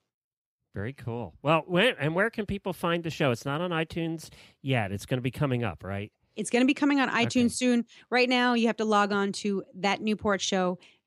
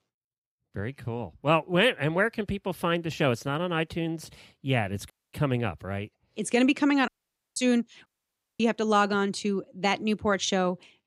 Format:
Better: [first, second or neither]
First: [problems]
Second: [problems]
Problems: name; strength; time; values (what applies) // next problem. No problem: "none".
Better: first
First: none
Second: audio cutting out; at 5 s, at 7 s and at 8 s for 0.5 s